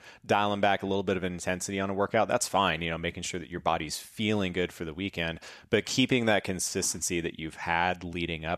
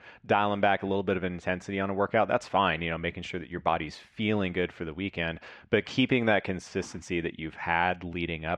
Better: first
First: none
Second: muffled; very; fading above 2.5 kHz

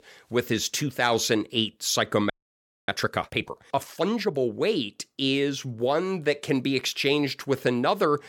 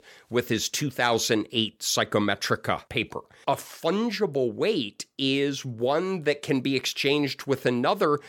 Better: second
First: audio freezing; at 2.5 s for 0.5 s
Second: none

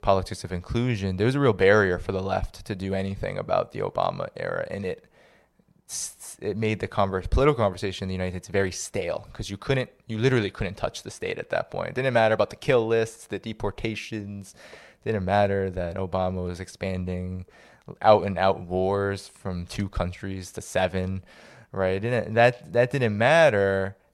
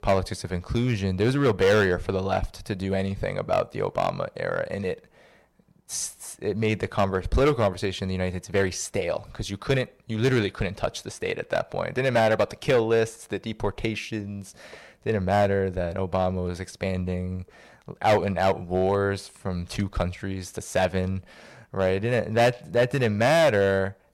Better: first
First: none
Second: distortion; slight; 4% of the sound clipped

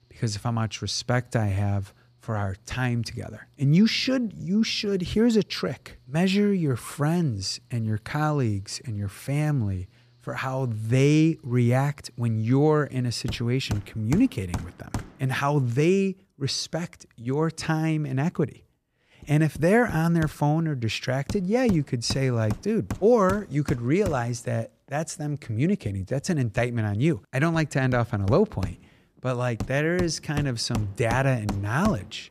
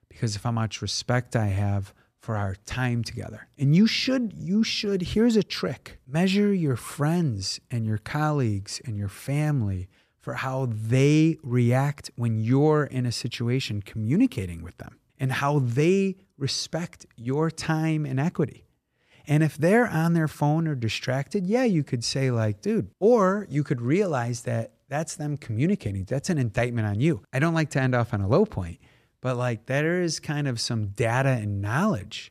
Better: second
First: machinery noise; noticeable; throughout; 10 dB below the speech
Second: none

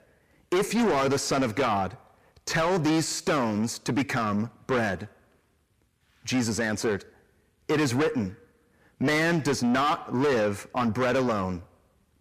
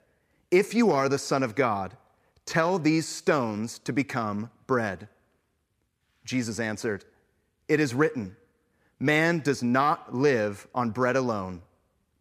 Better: second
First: distortion; heavy; 6 dB below the speech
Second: none

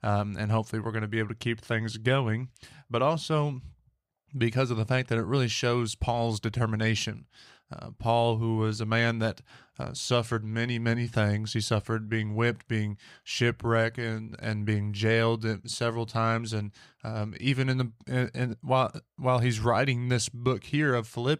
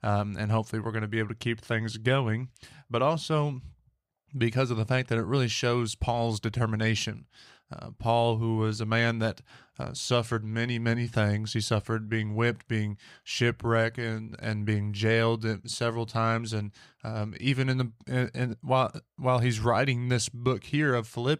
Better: neither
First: none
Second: none

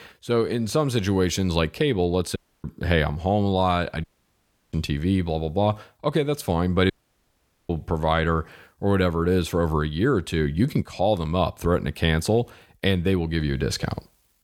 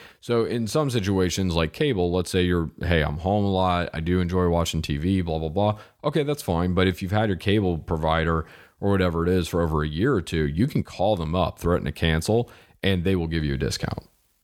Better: second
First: audio cutting out; at 2.5 s, at 4 s for 0.5 s and at 7 s for 1 s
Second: none

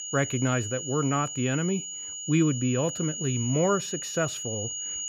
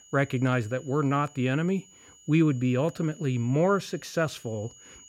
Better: second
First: high-pitched whine; loud; throughout; 7 kHz, 5 dB below the speech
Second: high-pitched whine; faint; throughout; 7 kHz, 25 dB below the speech

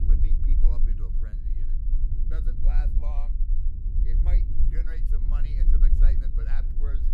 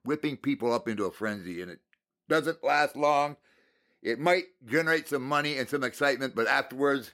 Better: second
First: low rumble; loud; throughout; 1 dB below the speech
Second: none

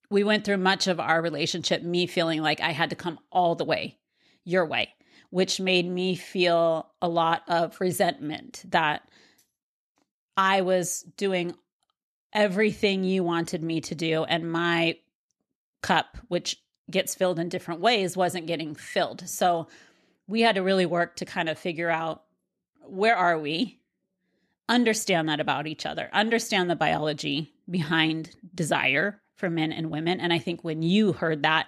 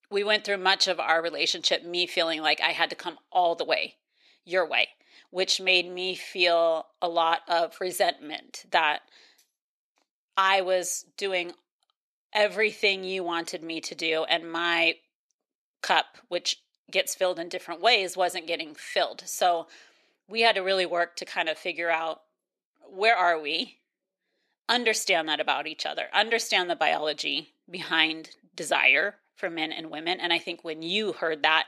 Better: first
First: none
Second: thin; somewhat; fading below 500 Hz

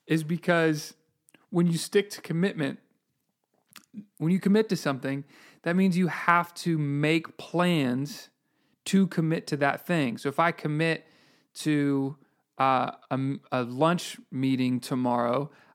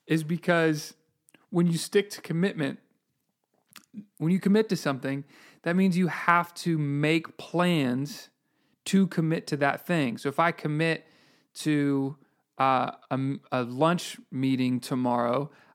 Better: neither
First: none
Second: none

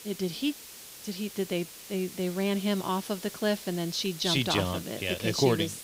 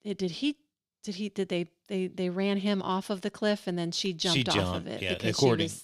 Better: second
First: hiss; noticeable; throughout; 15 dB below the speech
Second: none

